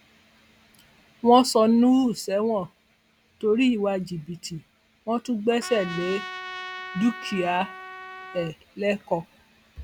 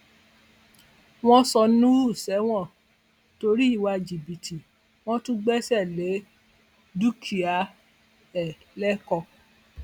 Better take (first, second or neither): second